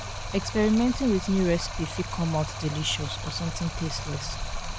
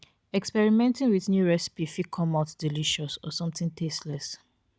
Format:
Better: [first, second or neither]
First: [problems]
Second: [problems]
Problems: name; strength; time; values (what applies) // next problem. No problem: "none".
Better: second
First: background sound (Stream); 6 dB below the speech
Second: none